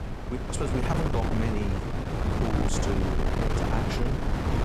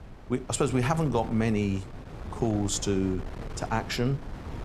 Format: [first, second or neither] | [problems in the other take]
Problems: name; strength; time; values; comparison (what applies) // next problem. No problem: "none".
second | wind noise on the microphone; heavy; 3 dB above the speech; occasional gusts in the second